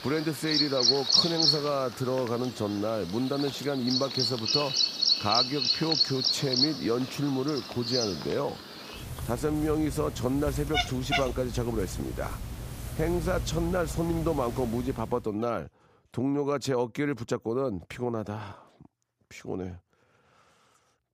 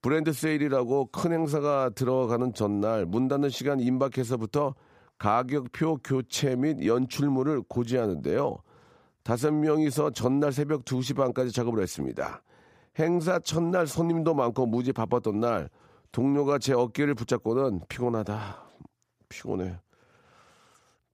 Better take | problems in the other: second | animal sounds; very loud; until 15 s; 2 dB above the speech

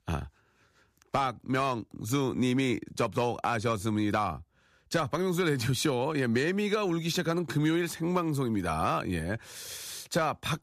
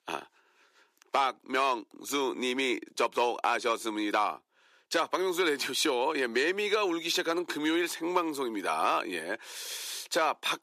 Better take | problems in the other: first | thin; somewhat; fading below 350 Hz

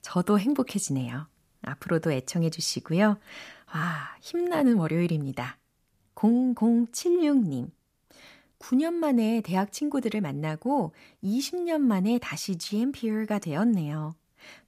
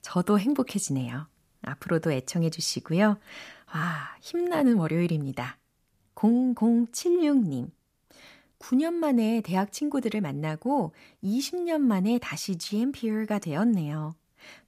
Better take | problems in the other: neither | none

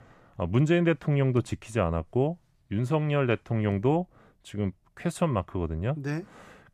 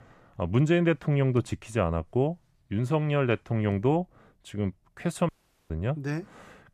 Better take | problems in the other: first | audio cutting out; at 5.5 s

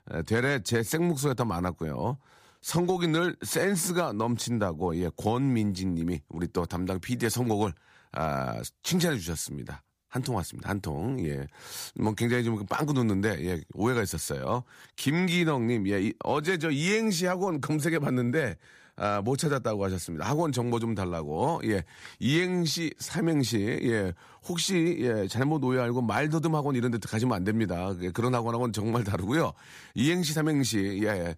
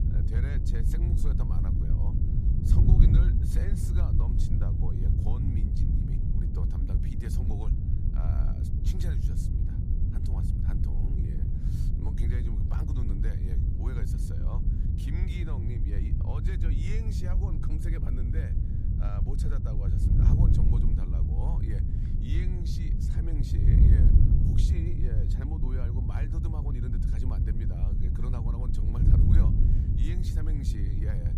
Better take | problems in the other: first | wind noise on the microphone; heavy; 4 dB above the speech

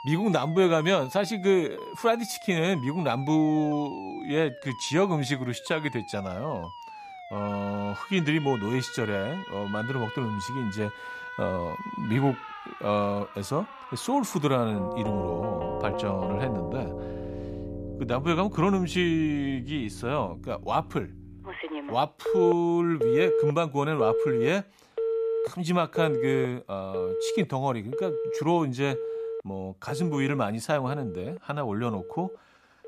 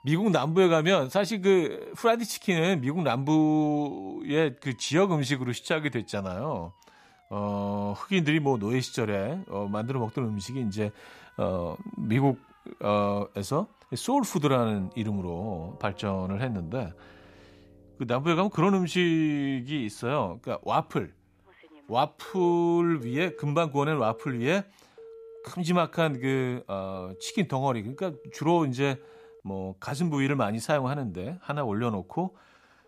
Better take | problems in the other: second | alarms or sirens; loud; throughout; 6 dB below the speech; faint in the second

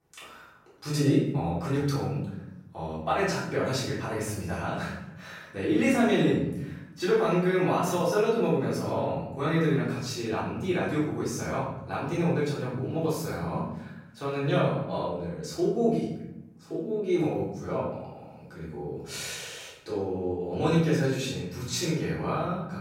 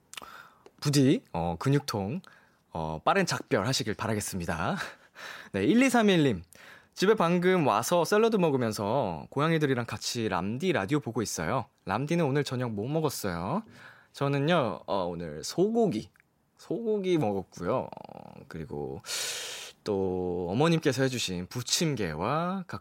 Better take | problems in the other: second | off-mic speech; far // room echo; noticeable; dies away in 0.9 s

